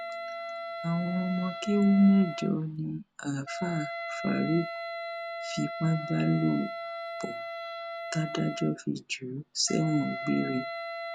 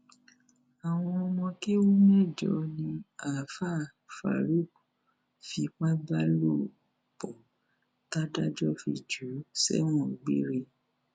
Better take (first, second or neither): second